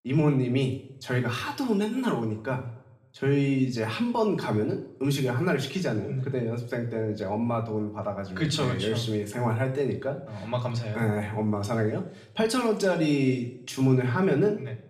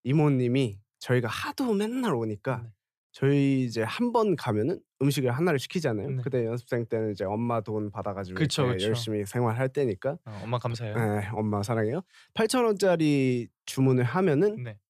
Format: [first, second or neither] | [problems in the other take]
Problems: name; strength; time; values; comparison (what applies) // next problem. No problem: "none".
second | room echo; slight; dies away in 0.6 s // off-mic speech; somewhat distant